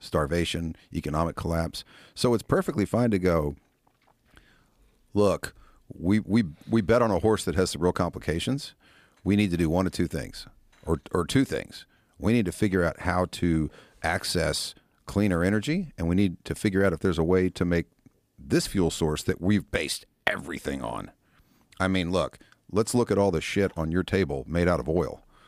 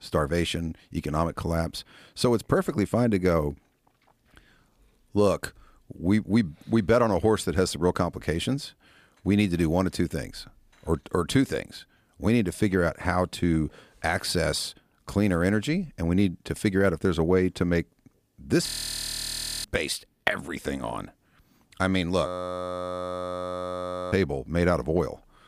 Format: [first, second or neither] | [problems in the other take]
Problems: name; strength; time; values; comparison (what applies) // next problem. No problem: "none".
first | audio freezing; at 19 s for 1 s and at 22 s for 2 s